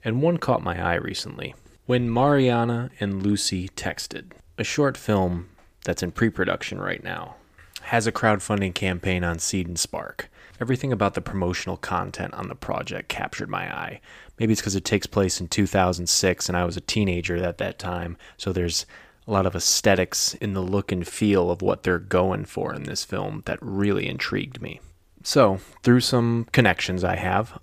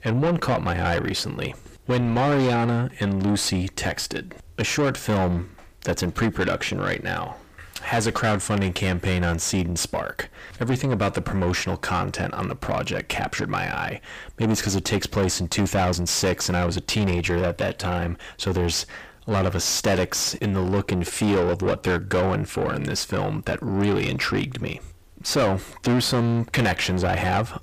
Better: first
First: none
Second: distortion; heavy; 6 dB below the speech

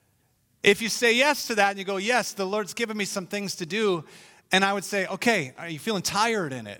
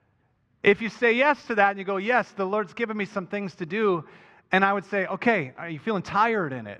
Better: first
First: none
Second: muffled; very; fading above 2 kHz

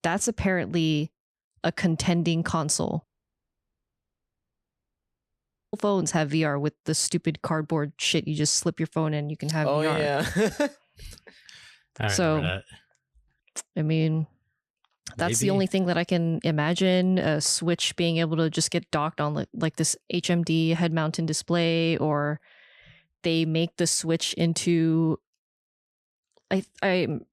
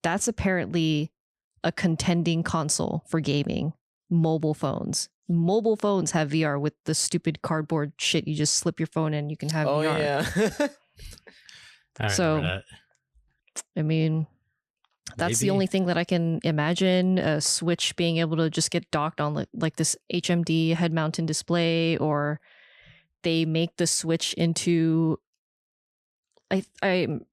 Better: second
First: audio cutting out; at 3 s for 2.5 s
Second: none

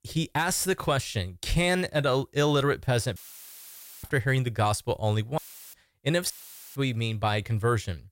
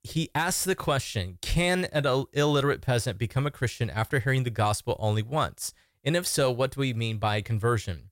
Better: second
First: audio cutting out; filled with static; at 3 s for 1 s, at 5.5 s and at 6.5 s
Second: none

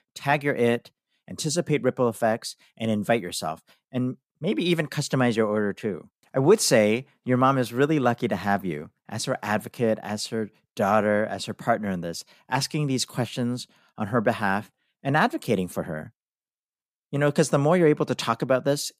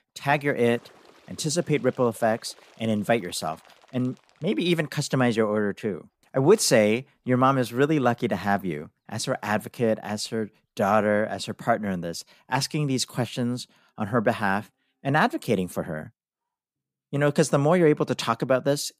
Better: first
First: none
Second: animal sounds; faint; throughout; 30 dB below the speech

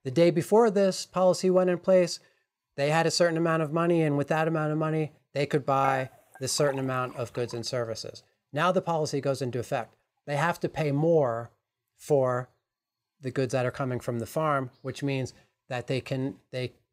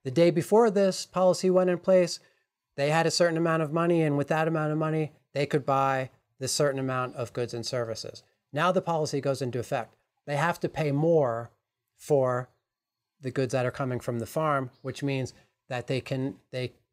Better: second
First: clattering dishes; noticeable; at 6 s; peak 8 dB below the speech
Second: none

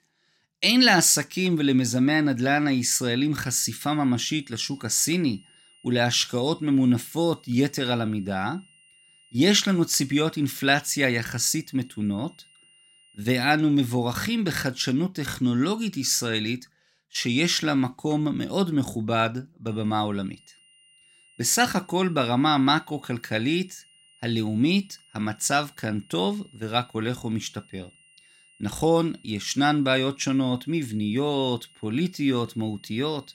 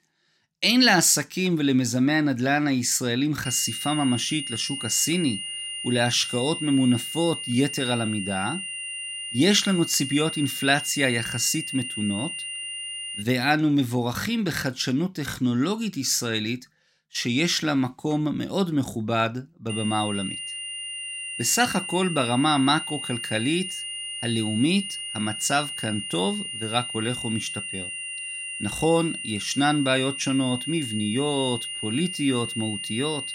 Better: first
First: high-pitched whine; faint; from 3.5 to 13 s and from 20 s on; 3 kHz, 30 dB below the speech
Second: high-pitched whine; loud; from 3.5 to 13 s and from 20 s on; 3 kHz, 6 dB below the speech

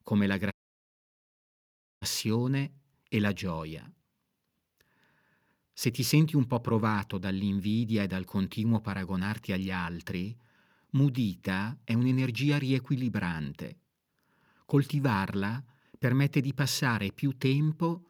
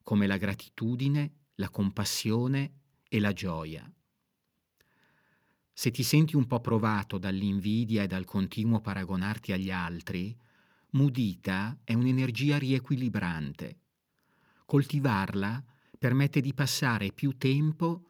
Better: second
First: audio cutting out; at 0.5 s for 1.5 s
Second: none

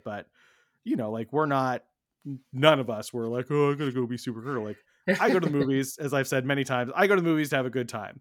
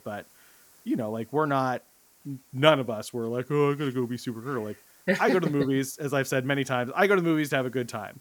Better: first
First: none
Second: hiss; faint; throughout; 30 dB below the speech

